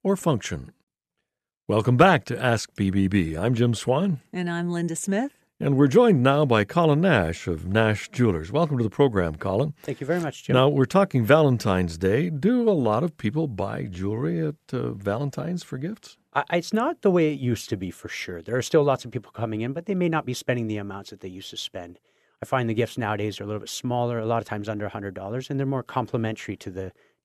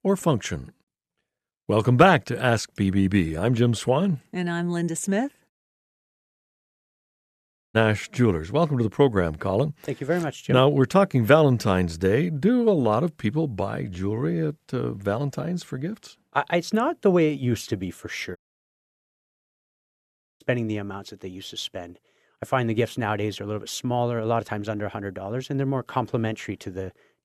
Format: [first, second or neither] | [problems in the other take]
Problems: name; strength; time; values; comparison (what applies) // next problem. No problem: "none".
first | audio cutting out; at 5.5 s for 2 s and at 18 s for 2 s